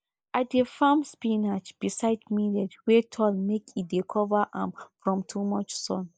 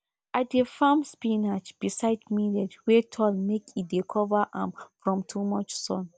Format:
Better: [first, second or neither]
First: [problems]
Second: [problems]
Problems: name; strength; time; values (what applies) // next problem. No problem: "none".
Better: second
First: noise reduction (neural mask model Resemble Enhance denoiser)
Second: none